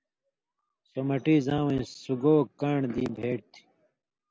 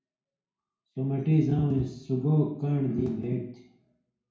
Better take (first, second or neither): first